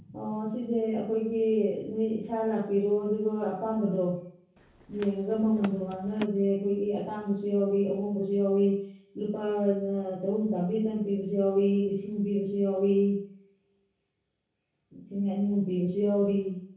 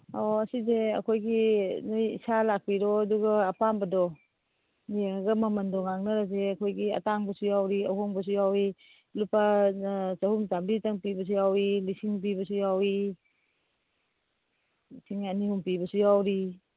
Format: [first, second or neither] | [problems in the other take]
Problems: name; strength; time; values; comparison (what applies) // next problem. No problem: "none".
second | background sound (Run); 16 dB below the speech // room echo; dies away in 0.6 s